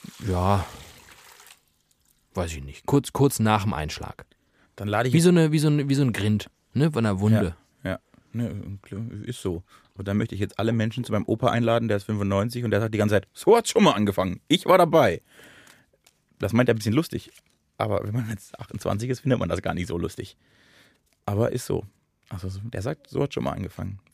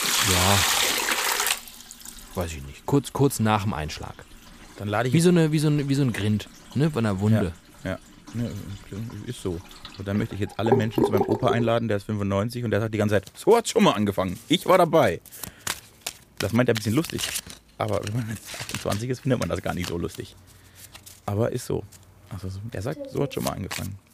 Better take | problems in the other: first | household noises; loud; throughout; 2 dB below the speech; faint in the first

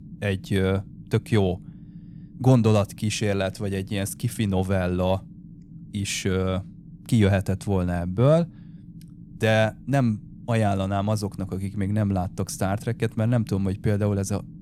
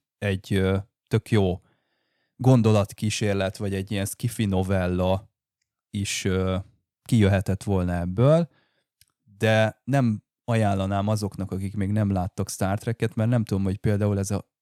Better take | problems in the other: second | low rumble; faint; throughout; 25 dB below the speech

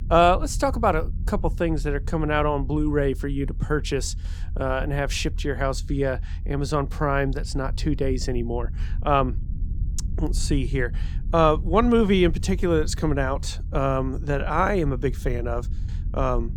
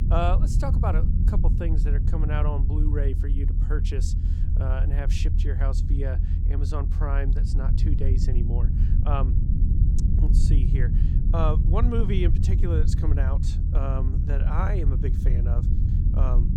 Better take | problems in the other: first | low rumble; loud; throughout; 5 dB below the speech; faint in the first

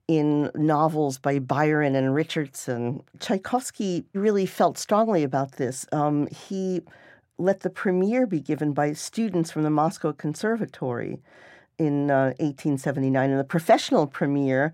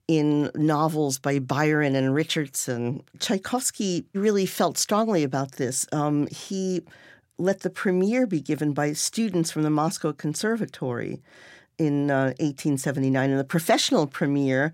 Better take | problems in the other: second | muffled; slightly; fading above 3 kHz

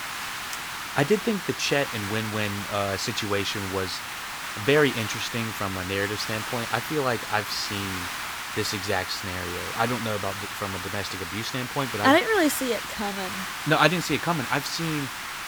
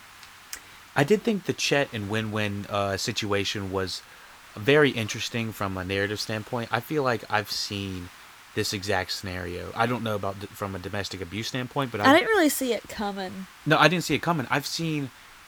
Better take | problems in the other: second | hiss; loud; throughout; 5 dB below the speech; faint in the second

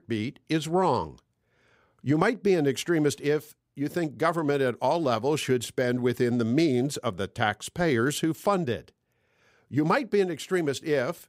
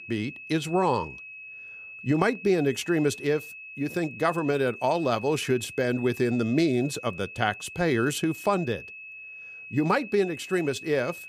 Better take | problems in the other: first | high-pitched whine; noticeable; throughout; 2.5 kHz, 15 dB below the speech

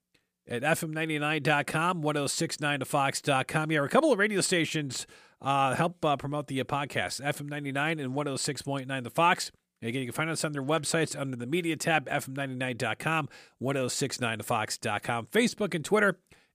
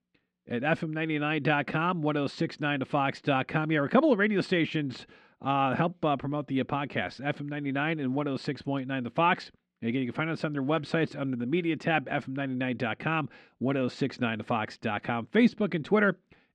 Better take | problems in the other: first | muffled; slightly; fading above 3.5 kHz

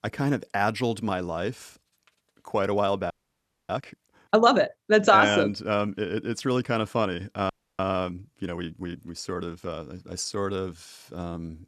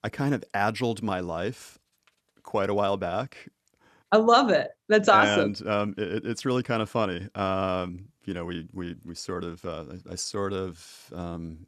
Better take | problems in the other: second | audio freezing; at 3 s for 0.5 s and at 7.5 s

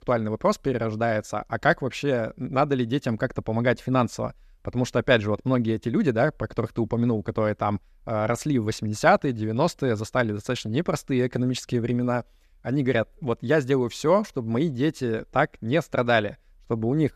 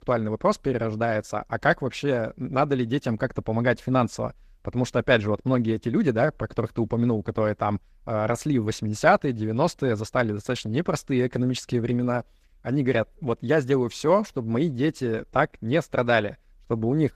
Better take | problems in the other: first | garbled, watery; slightly; nothing above 14.5 kHz

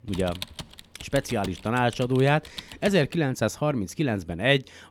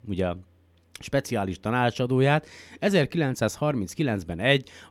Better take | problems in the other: second | keyboard typing; faint; until 3 s; peak 10 dB below the speech

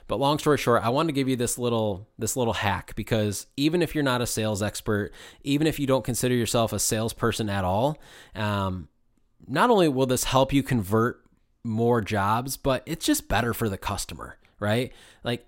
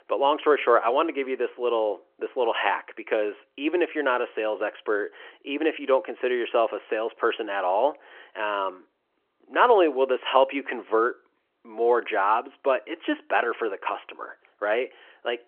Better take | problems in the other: first | phone-call audio

